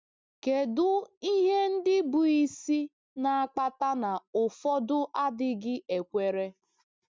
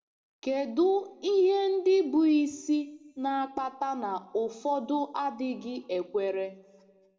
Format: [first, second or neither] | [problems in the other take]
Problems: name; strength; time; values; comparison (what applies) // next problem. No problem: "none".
first | room echo; dies away in 1.3 s